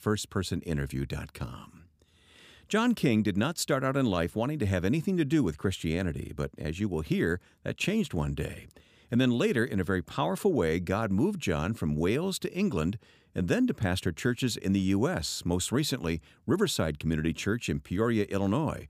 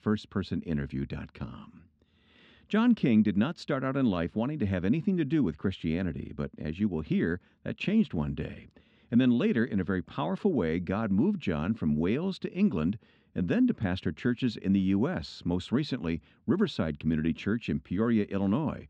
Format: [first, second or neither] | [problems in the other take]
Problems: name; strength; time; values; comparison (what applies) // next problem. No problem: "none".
first | muffled; slightly; fading above 4 kHz